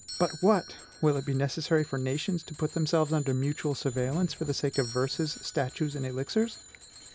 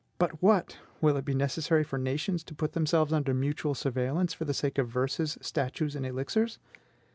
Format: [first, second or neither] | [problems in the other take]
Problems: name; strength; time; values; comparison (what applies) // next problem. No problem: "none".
second | background sound (Doorbell + Bicycle bell); 16 dB below the speech